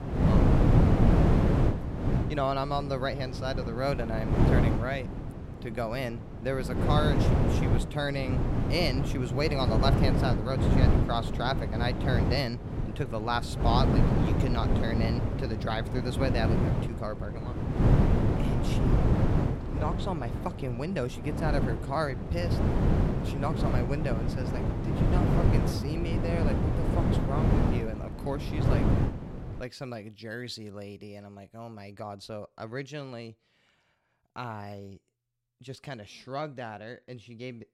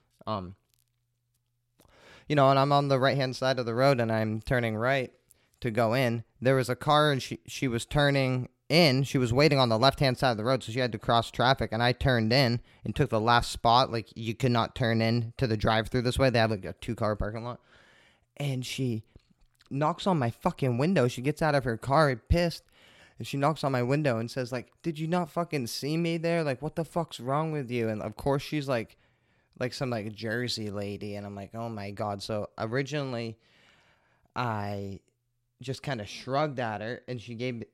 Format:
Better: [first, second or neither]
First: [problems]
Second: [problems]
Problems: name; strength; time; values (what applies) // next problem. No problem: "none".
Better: second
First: wind noise on the microphone; heavy; until 30 s; as loud as the speech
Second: none